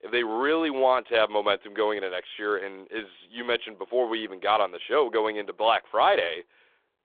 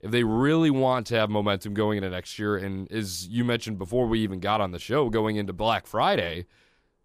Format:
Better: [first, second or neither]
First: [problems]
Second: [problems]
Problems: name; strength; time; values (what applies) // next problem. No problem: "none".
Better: second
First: phone-call audio; nothing above 3.5 kHz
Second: none